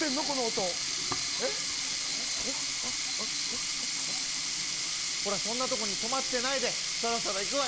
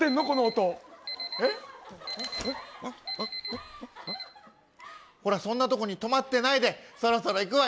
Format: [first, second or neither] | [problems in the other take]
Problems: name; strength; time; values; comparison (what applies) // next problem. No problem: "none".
second | background sound (Sink (filling or washing)); 4 dB above the speech